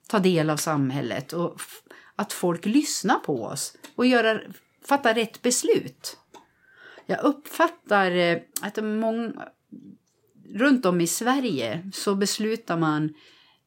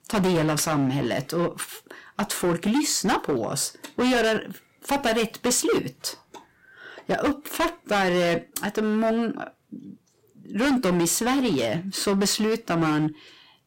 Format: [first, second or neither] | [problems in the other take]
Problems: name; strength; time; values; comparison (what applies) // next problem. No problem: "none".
first | distortion; heavy; 14% of the sound clipped